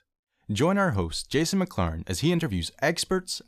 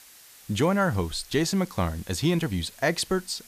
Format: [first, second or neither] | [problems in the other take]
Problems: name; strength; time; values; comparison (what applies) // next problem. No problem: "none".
first | hiss; faint; throughout; 20 dB below the speech